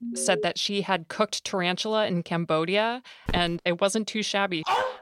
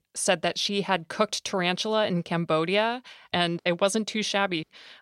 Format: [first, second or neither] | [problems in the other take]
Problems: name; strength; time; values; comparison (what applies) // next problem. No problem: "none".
second | alarm; noticeable; at the start; peak 7 dB below the speech // footsteps; noticeable; at 3.5 s; peak 10 dB below the speech // dog barking; very faint; at 4.5 s; peak level with the speech